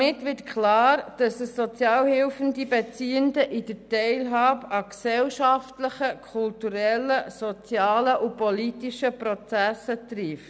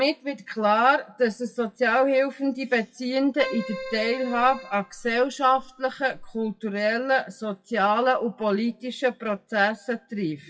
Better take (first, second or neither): first